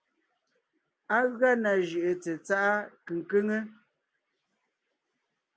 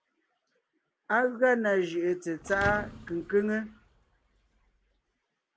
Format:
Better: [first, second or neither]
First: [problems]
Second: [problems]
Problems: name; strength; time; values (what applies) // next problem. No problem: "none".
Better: first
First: none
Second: background sound (Thump, thud); 14 dB below the speech